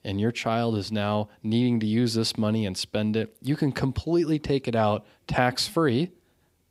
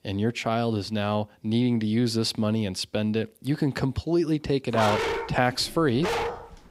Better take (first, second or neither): first